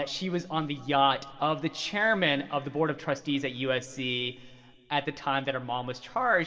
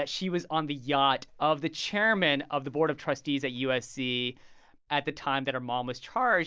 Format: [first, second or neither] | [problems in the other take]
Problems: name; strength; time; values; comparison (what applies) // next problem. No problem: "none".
second | room echo; dies away in 1.6 s